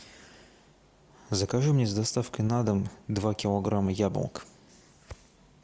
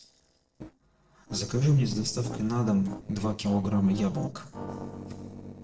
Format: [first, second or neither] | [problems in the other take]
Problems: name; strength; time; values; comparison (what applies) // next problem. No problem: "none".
first | noise reduction (neural separator model SepFormer DNS4)